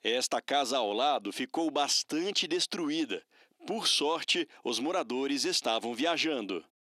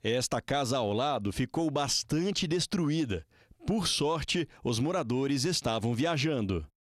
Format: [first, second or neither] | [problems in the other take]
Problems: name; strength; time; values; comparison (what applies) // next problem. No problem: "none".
second | thin; somewhat; fading below 300 Hz